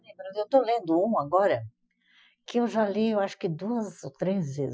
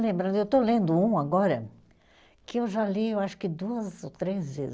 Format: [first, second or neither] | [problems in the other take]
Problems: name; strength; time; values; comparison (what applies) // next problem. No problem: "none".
second | noise reduction (classical method Wiener filter)